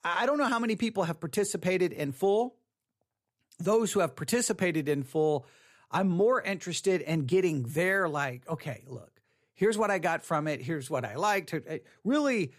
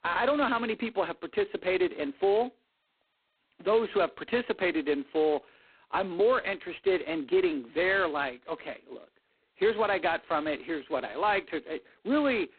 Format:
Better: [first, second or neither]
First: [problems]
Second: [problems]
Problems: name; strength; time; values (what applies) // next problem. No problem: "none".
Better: first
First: none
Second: phone-call audio; poor line; nothing above 4 kHz